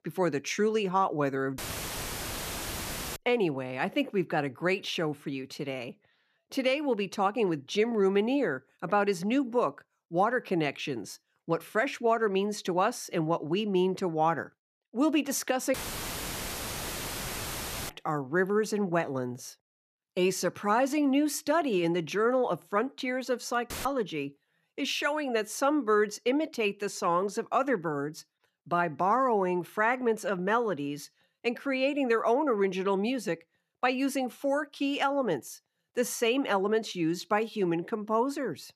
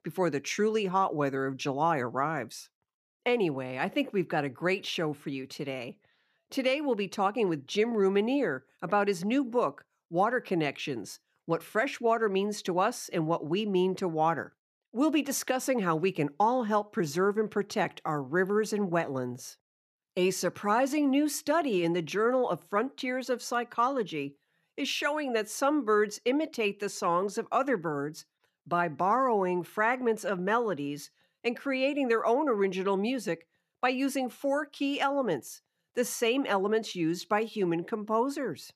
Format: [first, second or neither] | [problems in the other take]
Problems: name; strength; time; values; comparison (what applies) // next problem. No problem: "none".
second | audio cutting out; filled with static; at 1.5 s for 1.5 s, at 16 s for 2 s and at 24 s